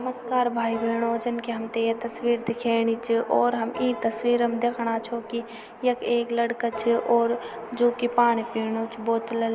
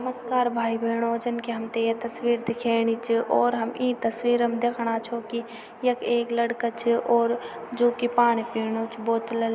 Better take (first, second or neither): second